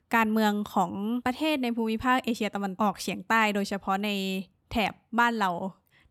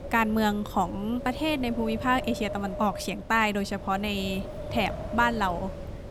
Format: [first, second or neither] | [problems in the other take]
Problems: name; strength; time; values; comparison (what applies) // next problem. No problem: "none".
first | wind noise on the microphone; occasional gusts; 10 dB below the speech